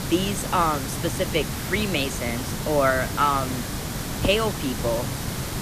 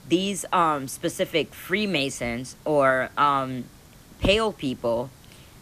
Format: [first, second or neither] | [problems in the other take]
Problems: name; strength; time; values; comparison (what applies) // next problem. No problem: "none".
second | hiss; loud; throughout; 4 dB below the speech; faint in the second